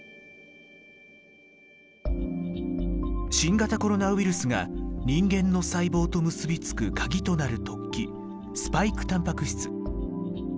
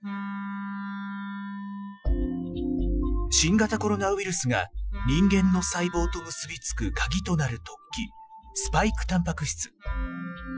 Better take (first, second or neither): first